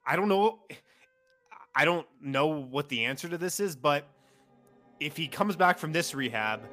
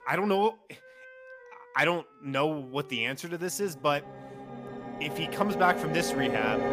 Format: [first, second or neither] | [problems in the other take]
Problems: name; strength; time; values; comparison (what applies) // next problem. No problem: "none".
first | background music; loud; throughout; 5 dB below the speech; faint in the first